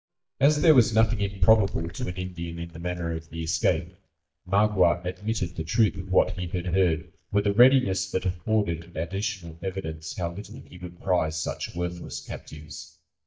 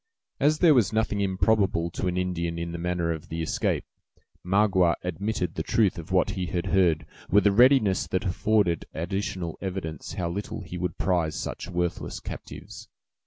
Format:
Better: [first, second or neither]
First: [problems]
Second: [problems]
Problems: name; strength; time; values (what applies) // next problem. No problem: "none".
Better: second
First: noise reduction (neural mask model DeepFilterNet 3)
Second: none